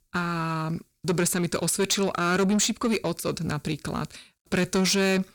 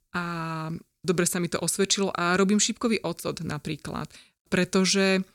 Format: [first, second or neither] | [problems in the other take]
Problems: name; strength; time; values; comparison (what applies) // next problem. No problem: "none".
second | distortion; slight; 10 dB below the speech